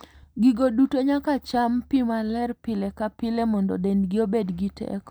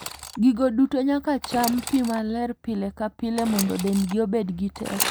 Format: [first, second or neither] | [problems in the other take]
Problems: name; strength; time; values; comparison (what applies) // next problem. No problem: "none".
first | background sound (Sawing / Engine); 11 dB below the speech